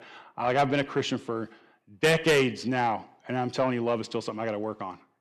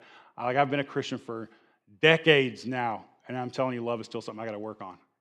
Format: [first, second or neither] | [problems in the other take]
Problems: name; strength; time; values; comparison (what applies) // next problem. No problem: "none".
second | distortion; heavy; 7 dB below the speech